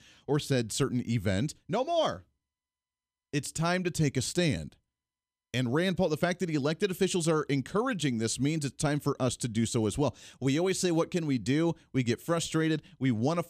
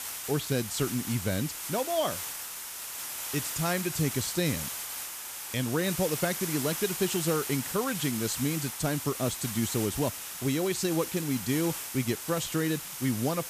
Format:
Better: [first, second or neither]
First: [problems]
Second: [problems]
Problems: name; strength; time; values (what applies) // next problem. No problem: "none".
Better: first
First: none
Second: hiss; loud; throughout; 4 dB below the speech